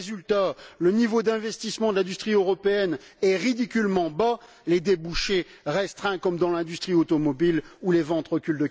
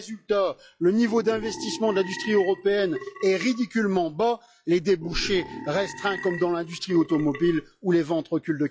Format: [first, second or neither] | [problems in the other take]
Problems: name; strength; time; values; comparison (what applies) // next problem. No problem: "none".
first | noise reduction (classical method log-MMSE)